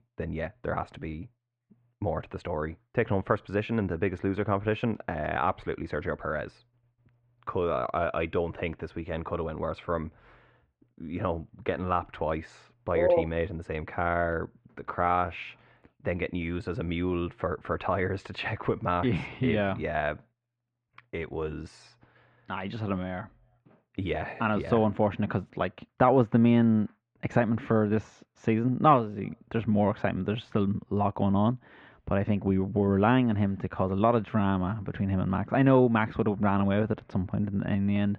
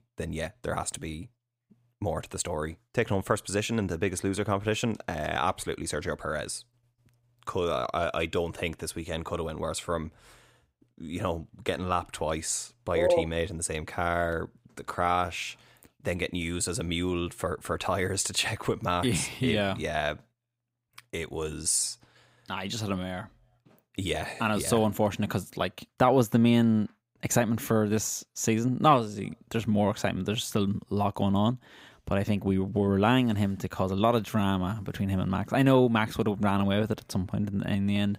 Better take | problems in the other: second | muffled; very; fading above 2.5 kHz

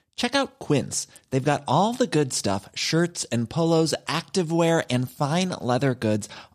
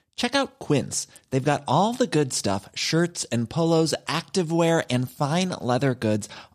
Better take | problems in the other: neither | none

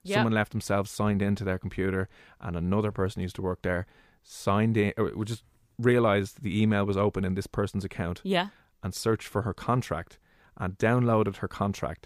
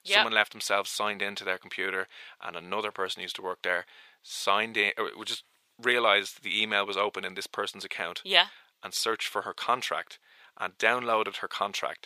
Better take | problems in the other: first | thin; very; fading below 700 Hz

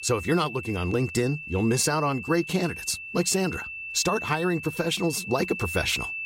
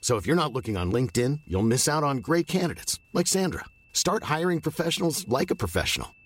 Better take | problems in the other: second | high-pitched whine; loud; throughout; 2.5 kHz, 9 dB below the speech; faint in the second

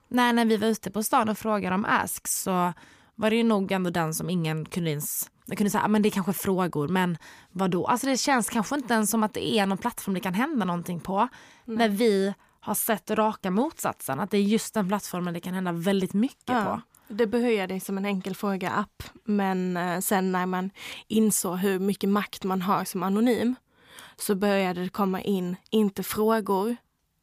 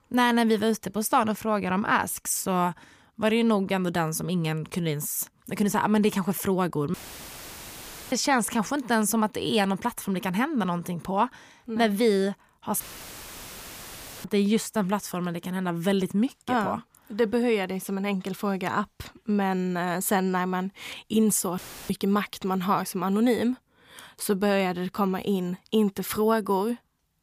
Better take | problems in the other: first | audio cutting out; filled with static; at 7 s for 1 s, at 13 s for 1.5 s and at 22 s

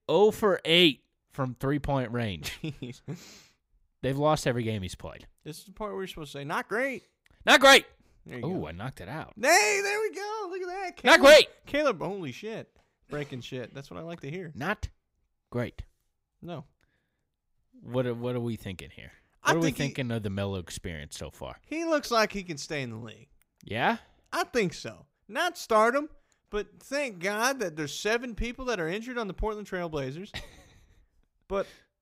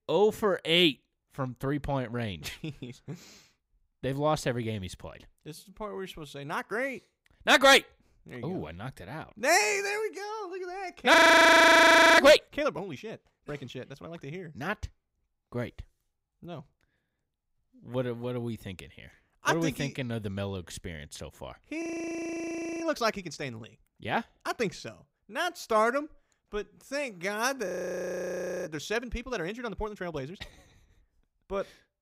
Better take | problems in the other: first | audio freezing; at 11 s for 1 s, at 22 s for 1 s and at 28 s for 1 s

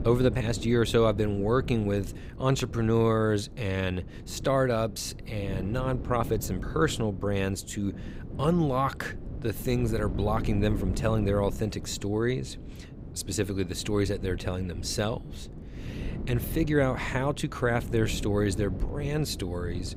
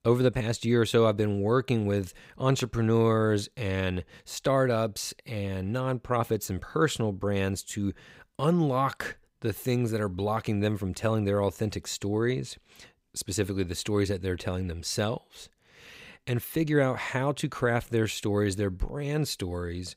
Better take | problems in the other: second | wind noise on the microphone; occasional gusts; 15 dB below the speech

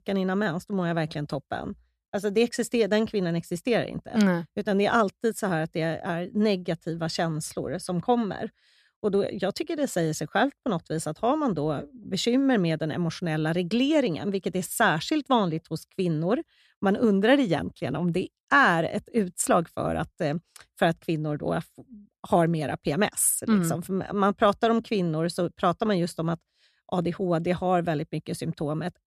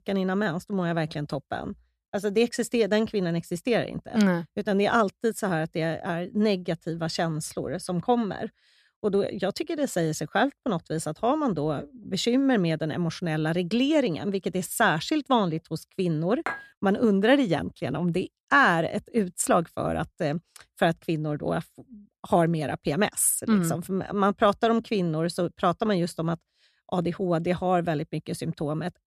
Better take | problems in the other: first | clattering dishes; noticeable; at 16 s; peak 8 dB below the speech

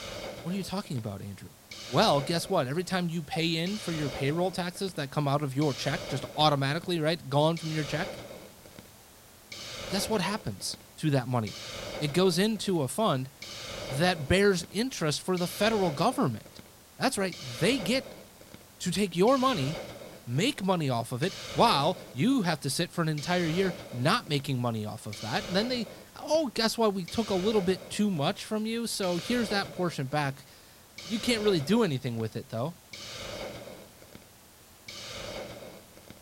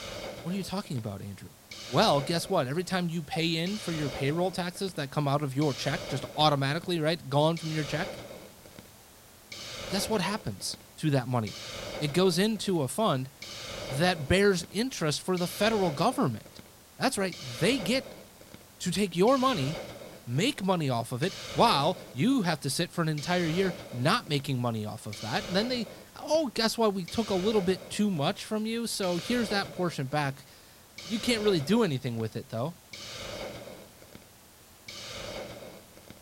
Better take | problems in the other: neither | hiss; noticeable; throughout; 15 dB below the speech; the same in both

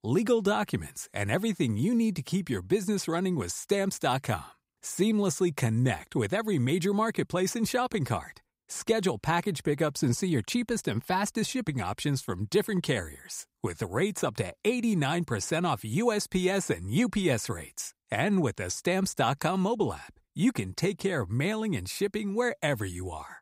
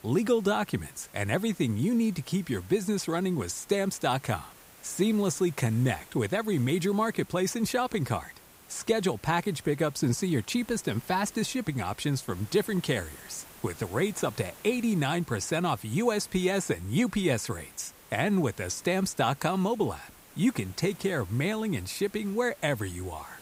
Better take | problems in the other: first | hiss; faint; throughout; 20 dB below the speech

